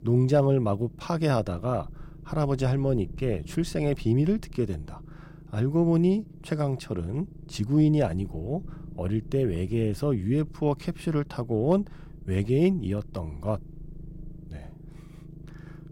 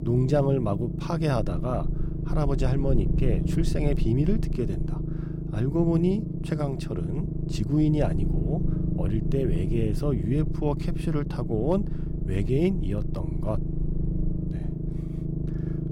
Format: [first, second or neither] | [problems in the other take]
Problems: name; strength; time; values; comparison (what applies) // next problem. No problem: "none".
first | low rumble; loud; throughout; 7 dB below the speech; faint in the first